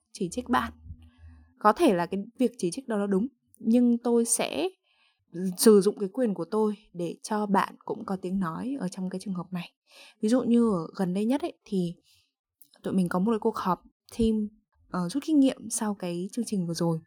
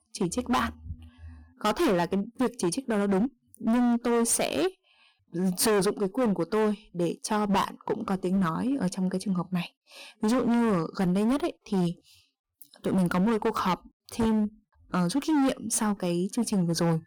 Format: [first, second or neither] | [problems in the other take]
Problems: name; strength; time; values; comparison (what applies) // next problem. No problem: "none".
first | distortion; heavy; 16% of the sound clipped